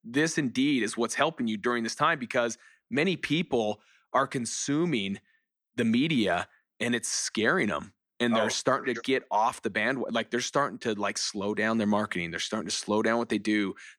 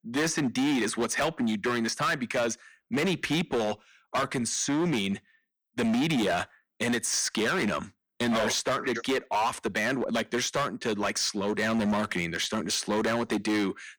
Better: first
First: none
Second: distortion; heavy; 17% of the sound clipped

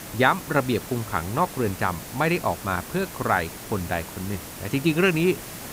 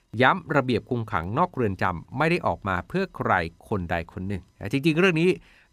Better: second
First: hiss; noticeable; throughout; 10 dB below the speech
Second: none

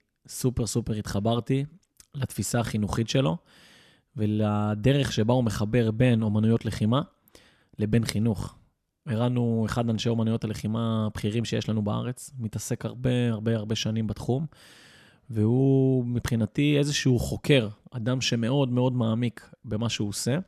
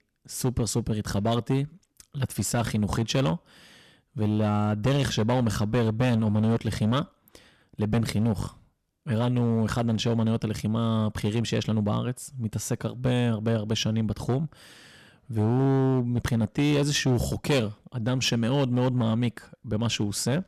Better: first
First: none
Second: distortion; slight; 8% of the sound clipped

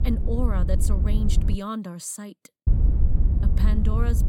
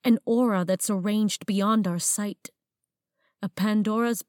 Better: second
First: low rumble; loud; until 1.5 s and from 2.5 s on; 6 dB below the speech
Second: none

